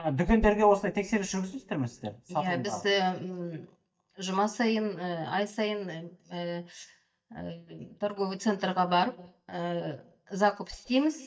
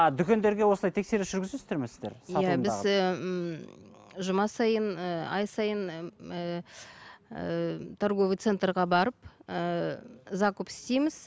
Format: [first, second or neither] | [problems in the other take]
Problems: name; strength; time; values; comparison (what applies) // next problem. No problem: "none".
second | noise reduction (neural mask model DeepFilterNet 3)